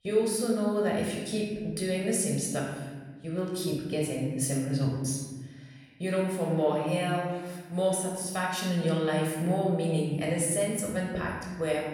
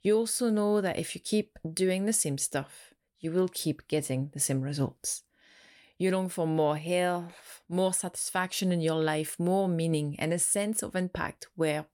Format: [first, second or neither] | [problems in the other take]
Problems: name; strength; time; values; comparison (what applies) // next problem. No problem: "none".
second | off-mic speech; far // room echo; noticeable; dies away in 1.4 s